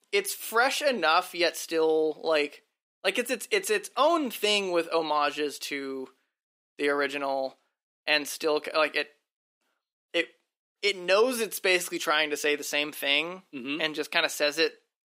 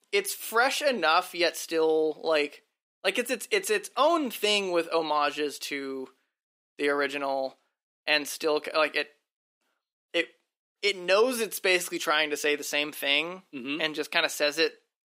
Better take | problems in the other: neither | thin; very slightly; fading below 300 Hz; the same in both

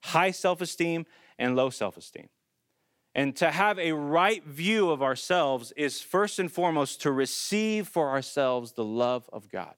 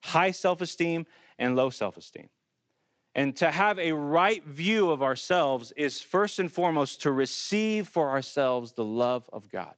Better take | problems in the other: first | garbled, watery; slightly; nothing above 7.5 kHz

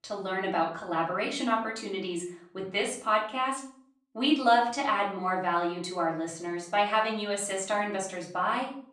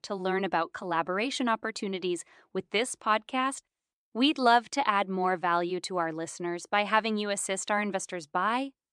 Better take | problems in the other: second | room echo; slight; dies away in 0.4 s // off-mic speech; far

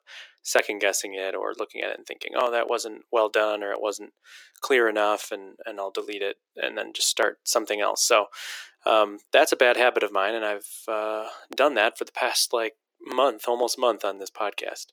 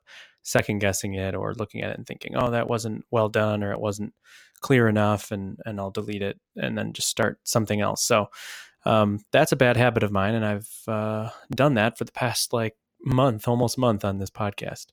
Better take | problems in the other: second | thin; very; fading below 350 Hz

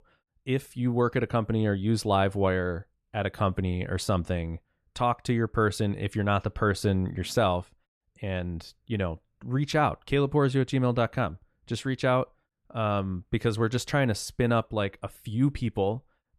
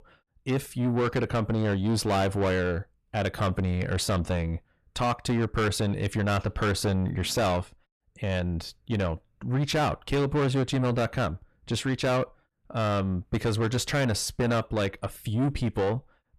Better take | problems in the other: first | distortion; heavy; 7 dB below the speech

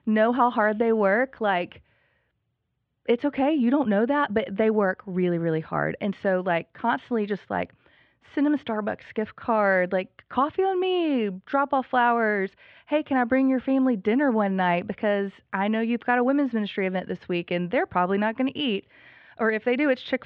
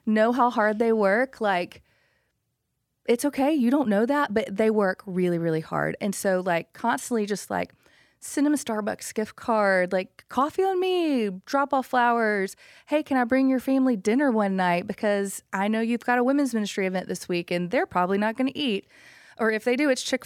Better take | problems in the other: second | muffled; very; fading above 3.5 kHz

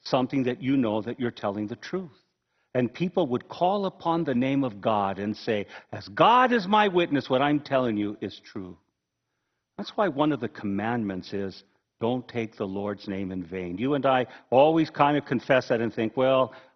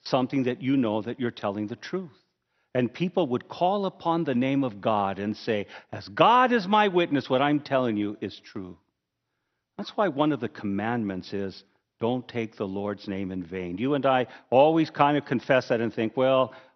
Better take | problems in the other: second | garbled, watery; badly; nothing above 6 kHz; slightly in the second

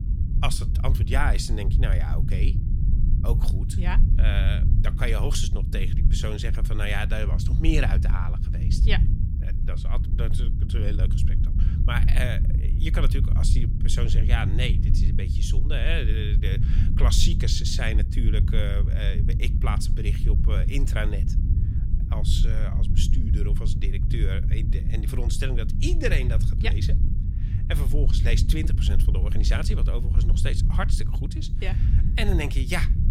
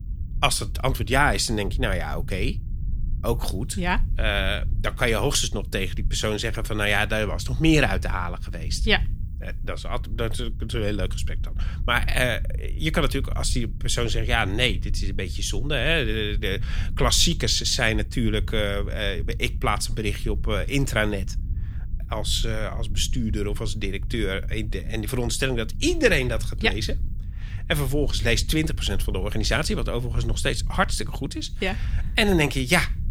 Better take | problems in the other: second | low rumble; loud; throughout; 7 dB below the speech; faint in the second

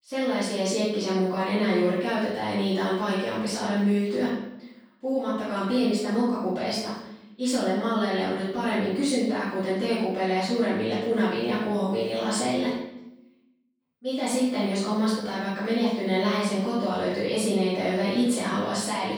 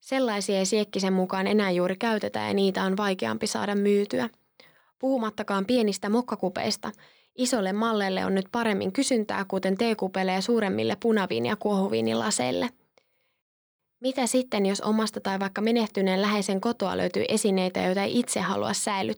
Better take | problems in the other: second | room echo; strong; dies away in 0.7 s // off-mic speech; far

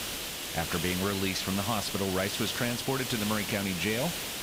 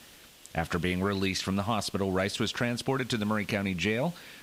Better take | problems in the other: second | hiss; loud; throughout; 2 dB below the speech; faint in the second

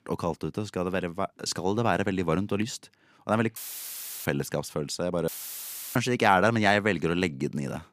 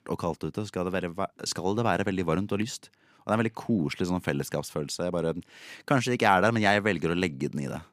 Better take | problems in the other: second | audio cutting out; filled with static; at 3.5 s for 0.5 s and at 5.5 s for 0.5 s

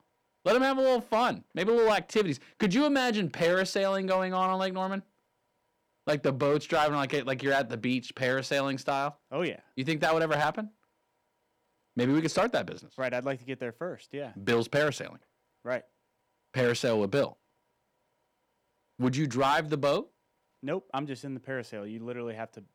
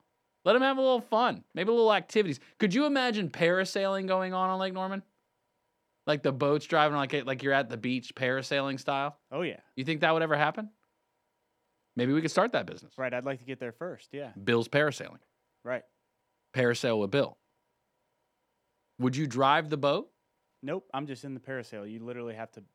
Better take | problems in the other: second | distortion; slight; 3% of the sound clipped

